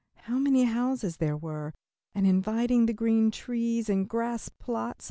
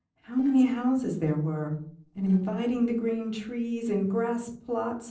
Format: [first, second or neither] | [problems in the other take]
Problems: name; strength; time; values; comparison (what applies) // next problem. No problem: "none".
first | noise reduction (neural separator model SepFormer DNS4)